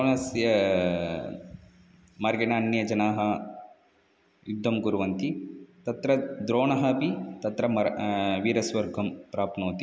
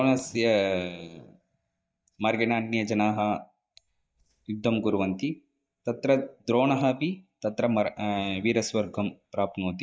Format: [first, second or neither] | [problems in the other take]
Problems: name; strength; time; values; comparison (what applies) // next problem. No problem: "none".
first | noise reduction (neural mask model DeepFilterNet 3)